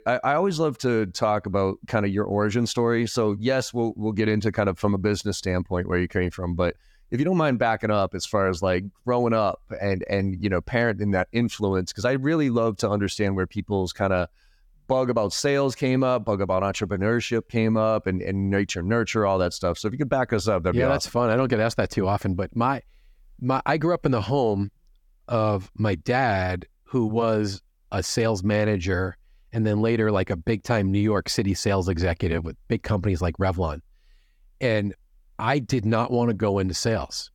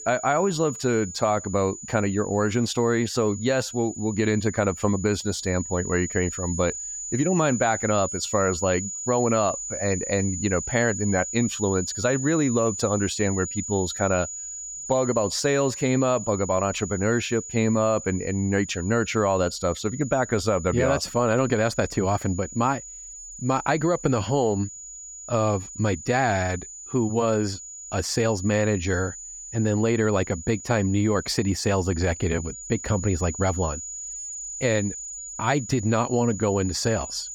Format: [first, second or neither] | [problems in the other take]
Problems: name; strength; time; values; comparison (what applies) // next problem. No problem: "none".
first | high-pitched whine; loud; throughout; 7 kHz, 9 dB below the speech